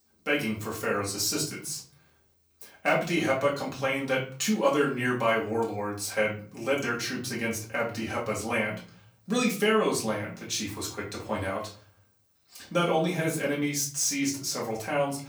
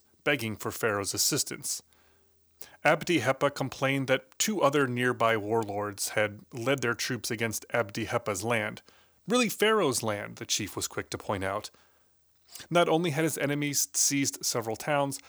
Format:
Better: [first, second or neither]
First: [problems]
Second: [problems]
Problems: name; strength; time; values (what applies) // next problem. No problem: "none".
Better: second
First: off-mic speech; far // room echo; slight; dies away in 0.4 s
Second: none